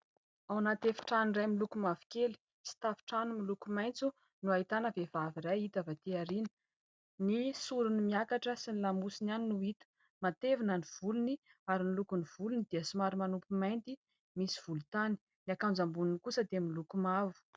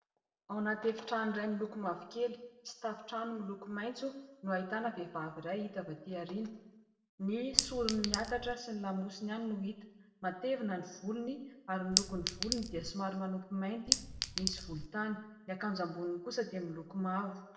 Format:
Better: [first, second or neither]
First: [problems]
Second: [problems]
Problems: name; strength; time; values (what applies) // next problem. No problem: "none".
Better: first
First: none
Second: background sound (Chink, clink); 2 dB above the speech // room echo; dies away in 0.8 s